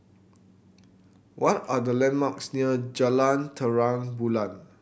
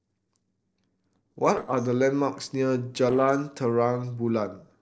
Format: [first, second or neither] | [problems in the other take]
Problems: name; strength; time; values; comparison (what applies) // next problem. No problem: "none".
first | noise reduction (neural separator model SepFormer DNS4)